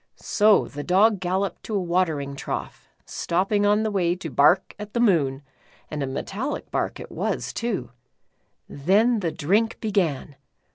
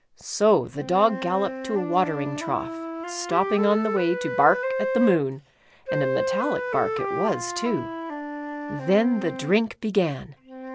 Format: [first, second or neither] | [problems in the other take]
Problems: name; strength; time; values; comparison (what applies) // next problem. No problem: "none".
first | background sound (Wind instrument, woodwind instrument); 6 dB below the speech